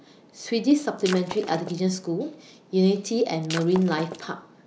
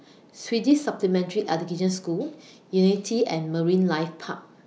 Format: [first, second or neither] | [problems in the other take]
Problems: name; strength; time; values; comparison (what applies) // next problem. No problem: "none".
second | background sound (Shatter); 12 dB below the speech